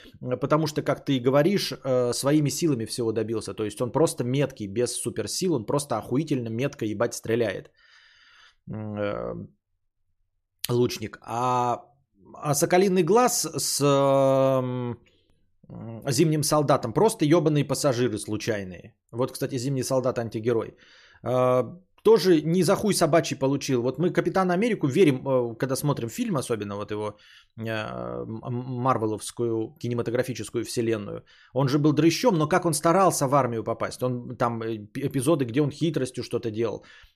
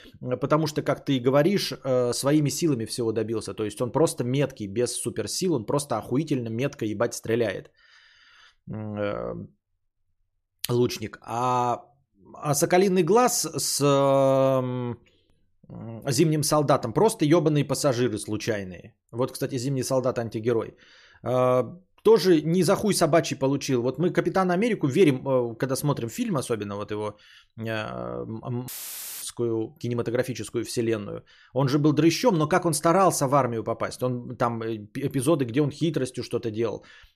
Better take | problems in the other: first | audio cutting out; filled with static; at 29 s for 0.5 s

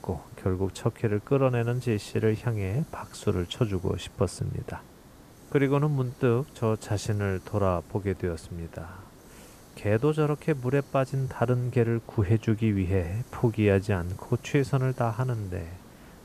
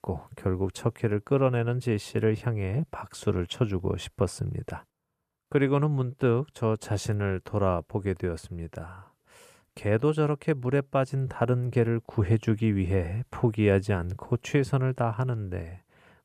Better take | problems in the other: second | hiss; faint; throughout; 25 dB below the speech

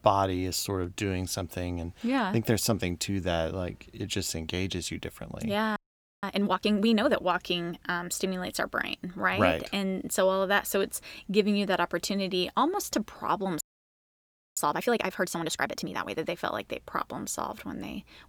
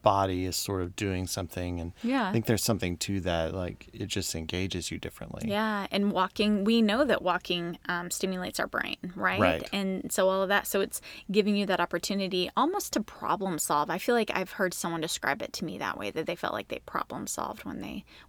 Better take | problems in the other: second | audio freezing; at 6 s and at 14 s for 1 s

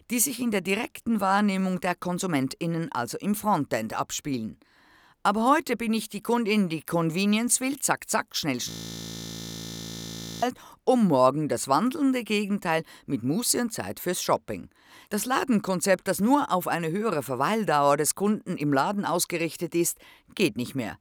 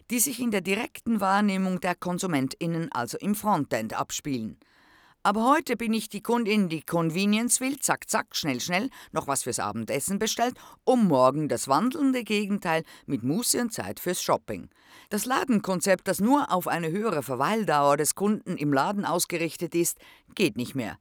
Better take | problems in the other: second | audio freezing; at 8.5 s for 1.5 s

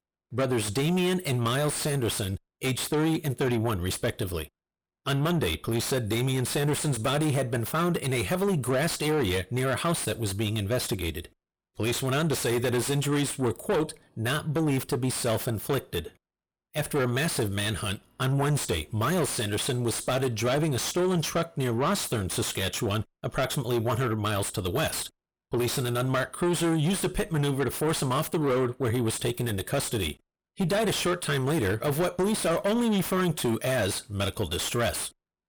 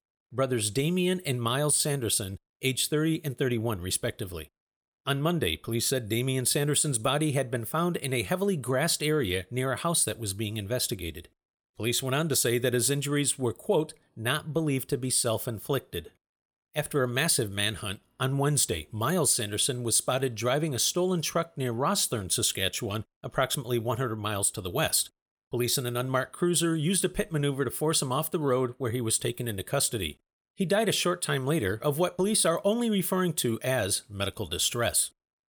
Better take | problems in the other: second | distortion; heavy; 6 dB below the speech

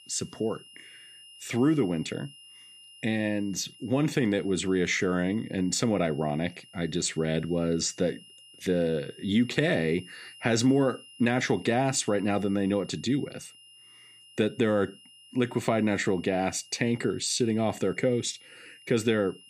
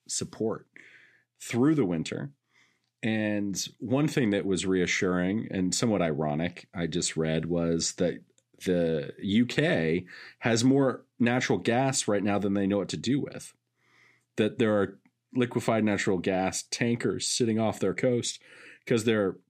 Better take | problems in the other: second | high-pitched whine; faint; throughout; 3 kHz, 20 dB below the speech

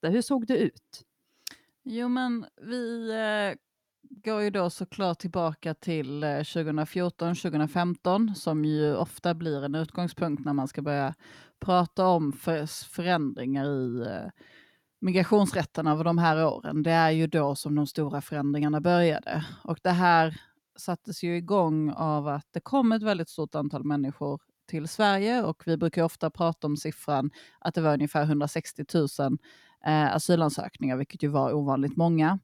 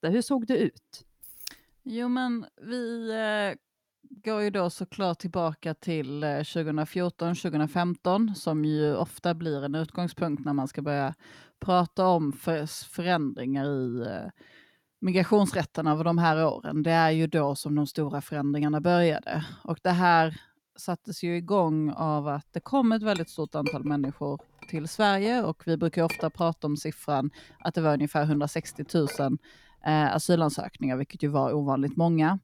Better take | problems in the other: first | jangling keys; faint; at 1 s; peak 15 dB below the speech // clattering dishes; noticeable; from 23 to 29 s; peak 9 dB below the speech

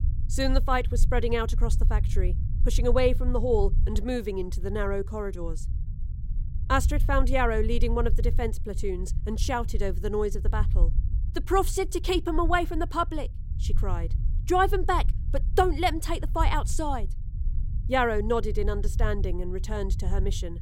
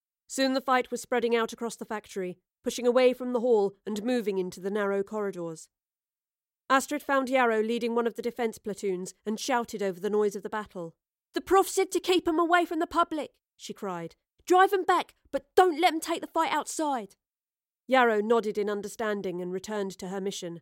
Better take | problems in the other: second | low rumble; faint; throughout; 20 dB below the speech

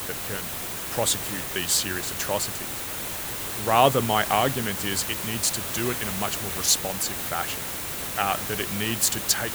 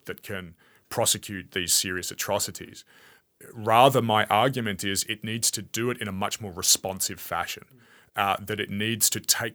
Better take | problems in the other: second | hiss; loud; throughout; 4 dB below the speech

